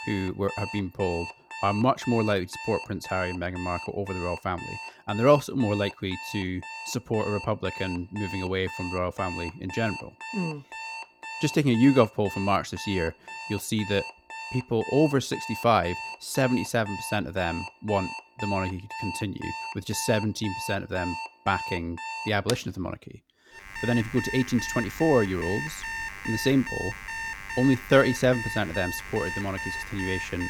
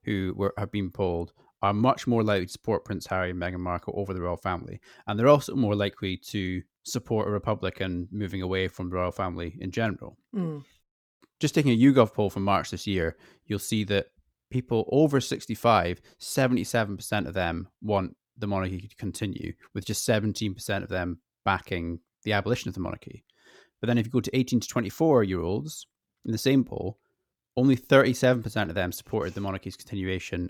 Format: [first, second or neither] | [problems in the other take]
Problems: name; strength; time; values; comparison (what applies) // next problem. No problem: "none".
second | alarms or sirens; loud; throughout; 8 dB below the speech